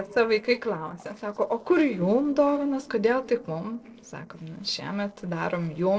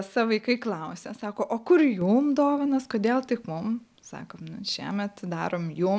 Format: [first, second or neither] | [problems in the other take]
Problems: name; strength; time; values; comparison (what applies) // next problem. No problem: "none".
second | noise reduction (neural separator model SepFormer DNS4)